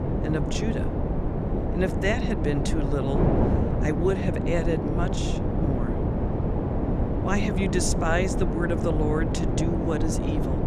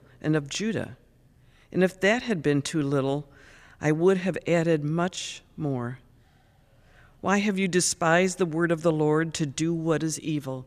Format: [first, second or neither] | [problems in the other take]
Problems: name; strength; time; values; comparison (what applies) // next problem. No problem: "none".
second | wind noise on the microphone; heavy; 1 dB below the speech